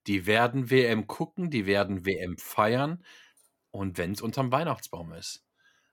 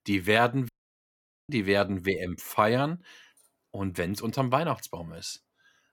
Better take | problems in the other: first | audio cutting out; at 0.5 s for 1 s

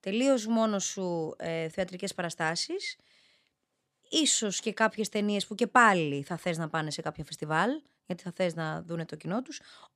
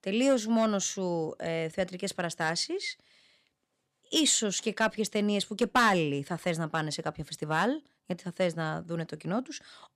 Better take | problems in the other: first | distortion; slight; 1% of the sound clipped

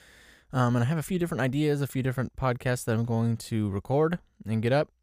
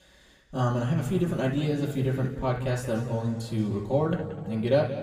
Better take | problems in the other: first | room echo; noticeable; dies away in 2 s // off-mic speech; far

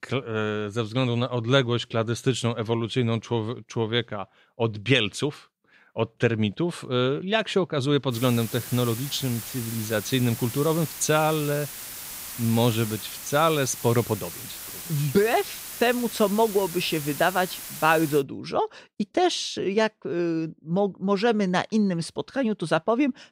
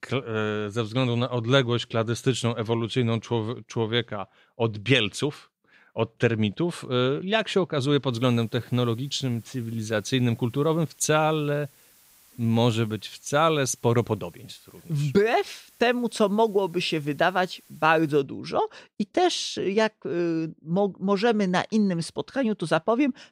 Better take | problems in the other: second | hiss; loud; from 8 to 18 s; 10 dB below the speech; faint in the second

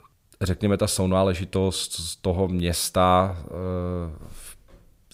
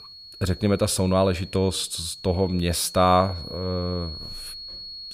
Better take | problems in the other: first | high-pitched whine; noticeable; throughout; 4.5 kHz, 15 dB below the speech

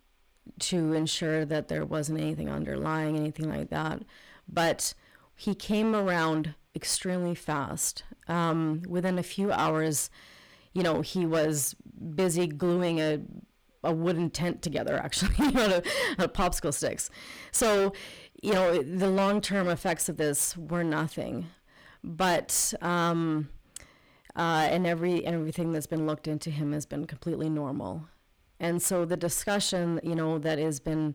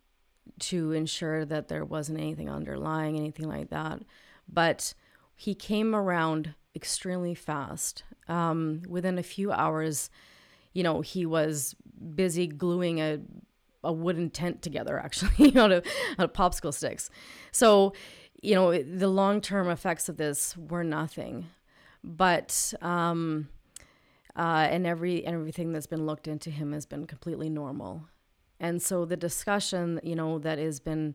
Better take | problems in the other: second | distortion; heavy; 9% of the sound clipped

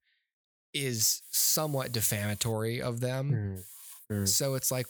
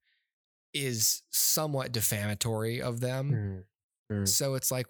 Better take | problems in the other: second | hiss; noticeable; from 1 to 2.5 s and from 3.5 s on; 20 dB below the speech

